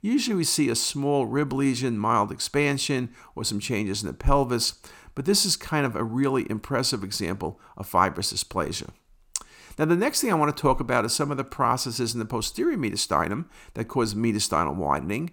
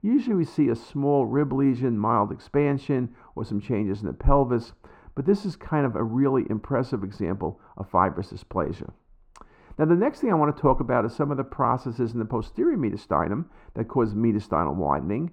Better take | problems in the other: first | muffled; very; fading above 3 kHz

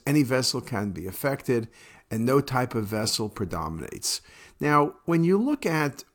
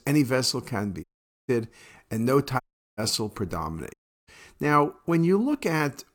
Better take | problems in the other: first | audio cutting out; at 1 s, at 2.5 s and at 4 s

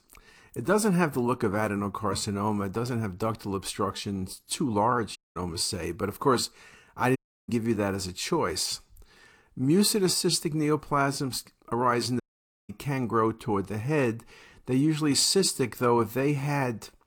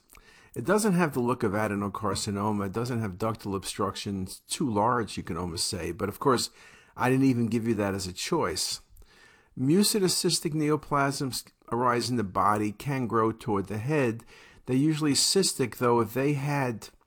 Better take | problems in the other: second | audio cutting out; at 5 s, at 7 s and at 12 s

